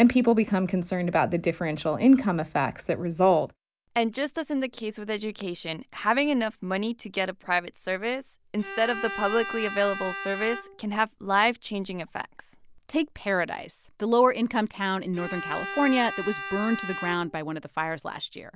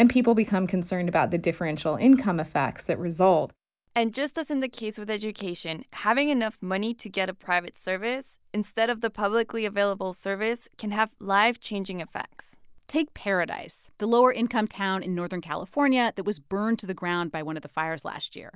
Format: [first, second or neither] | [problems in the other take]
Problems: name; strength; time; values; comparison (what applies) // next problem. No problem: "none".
second | background sound (Bowed string instrument); 10 dB below the speech